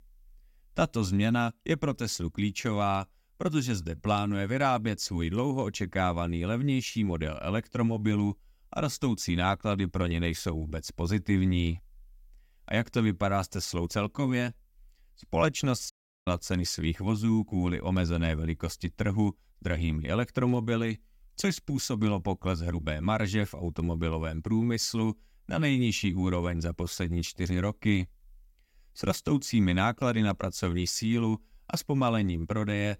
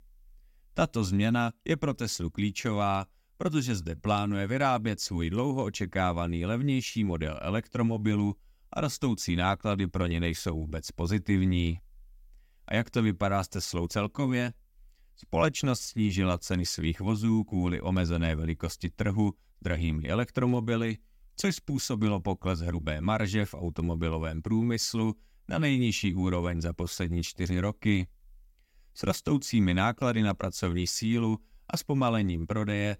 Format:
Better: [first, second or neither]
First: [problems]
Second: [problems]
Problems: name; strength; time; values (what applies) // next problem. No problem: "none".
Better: second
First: audio cutting out; at 16 s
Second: none